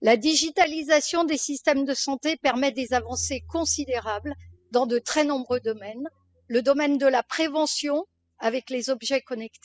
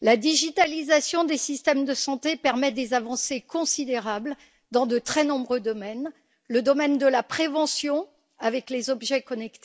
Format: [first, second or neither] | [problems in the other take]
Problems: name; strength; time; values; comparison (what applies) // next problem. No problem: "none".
second | noise reduction (classical method spectral subtraction)